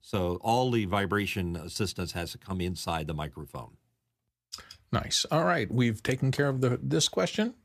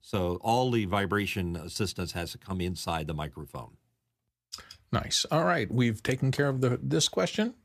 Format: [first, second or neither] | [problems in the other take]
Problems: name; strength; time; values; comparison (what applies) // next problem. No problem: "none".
neither | none